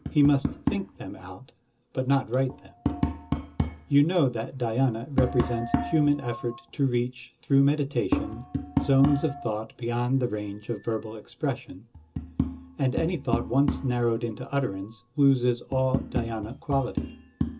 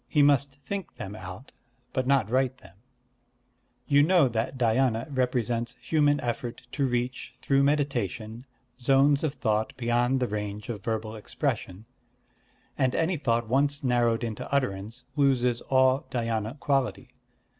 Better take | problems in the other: second | background sound (Tap); 6 dB below the speech // room echo; dies away in 0.2 s

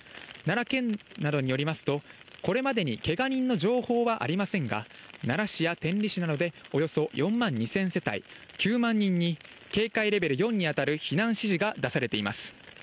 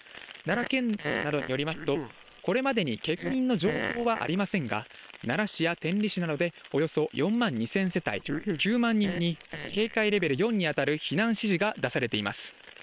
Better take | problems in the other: first | noise reduction (neural separator model SepFormer WHAM!)

